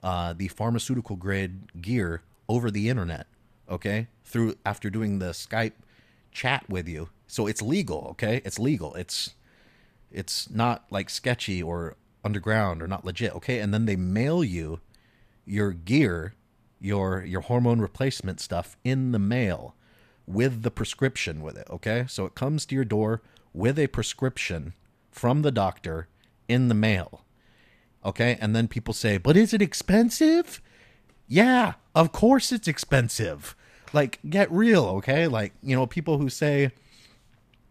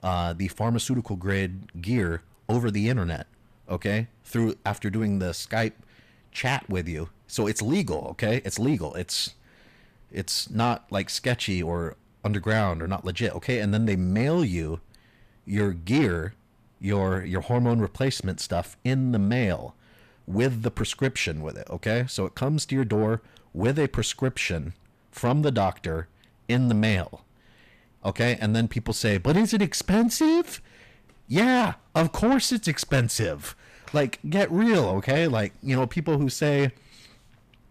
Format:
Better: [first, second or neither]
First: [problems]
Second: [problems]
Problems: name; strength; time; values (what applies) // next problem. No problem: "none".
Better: first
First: none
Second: distortion; slight; 10 dB below the speech